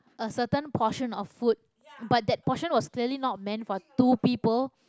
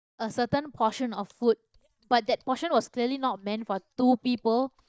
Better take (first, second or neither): first